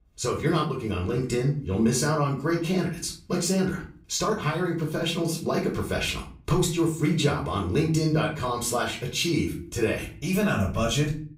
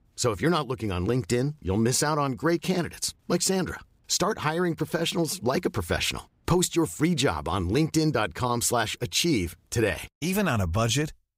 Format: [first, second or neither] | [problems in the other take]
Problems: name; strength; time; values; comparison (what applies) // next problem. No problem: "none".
second | off-mic speech; far // room echo; slight; dies away in 0.4 s